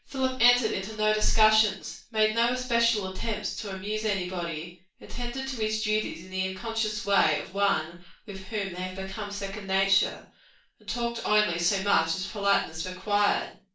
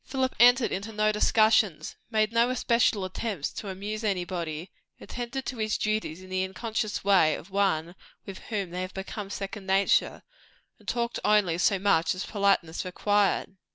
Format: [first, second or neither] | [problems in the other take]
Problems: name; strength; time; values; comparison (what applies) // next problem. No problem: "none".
second | room echo; dies away in 0.3 s